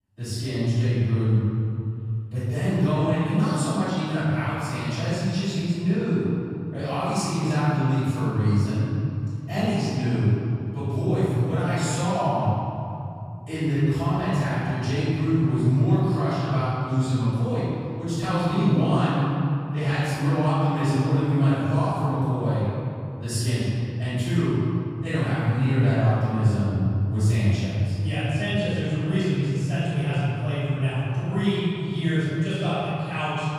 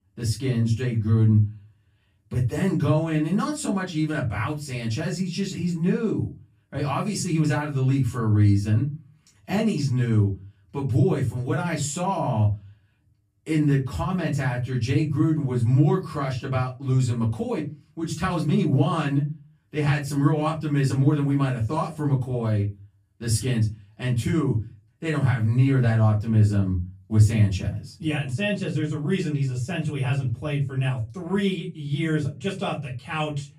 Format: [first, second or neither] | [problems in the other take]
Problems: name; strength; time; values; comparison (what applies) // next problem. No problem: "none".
second | room echo; strong; dies away in 3 s; slight in the second // off-mic speech; far; far in the second